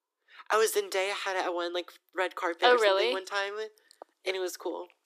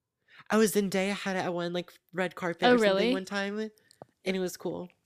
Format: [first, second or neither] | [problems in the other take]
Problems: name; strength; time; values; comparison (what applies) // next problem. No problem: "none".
second | thin; very; fading below 300 Hz